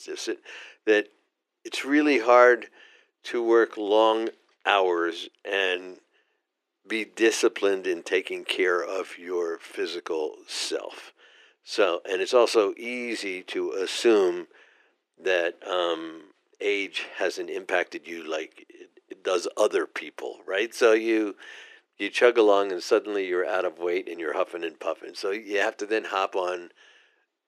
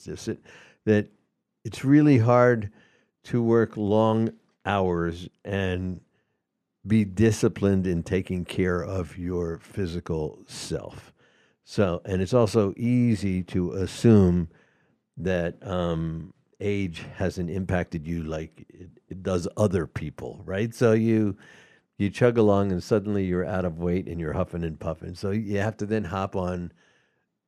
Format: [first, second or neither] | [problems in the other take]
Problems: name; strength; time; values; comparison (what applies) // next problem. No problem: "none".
second | thin; very; fading below 350 Hz